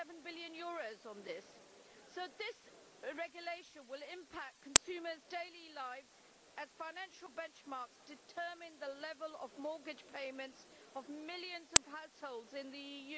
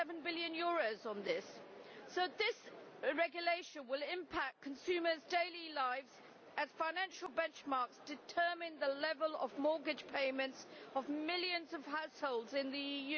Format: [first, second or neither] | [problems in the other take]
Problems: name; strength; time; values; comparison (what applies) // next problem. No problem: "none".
second | background sound (Camera); 4 dB above the speech